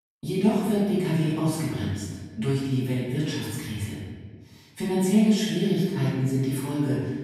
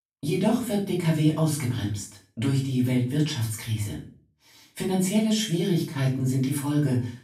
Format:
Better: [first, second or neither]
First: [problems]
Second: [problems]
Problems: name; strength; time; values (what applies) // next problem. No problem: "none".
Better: second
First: room echo; strong; dies away in 1.4 s // off-mic speech; far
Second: room echo; slight; dies away in 0.4 s // off-mic speech; far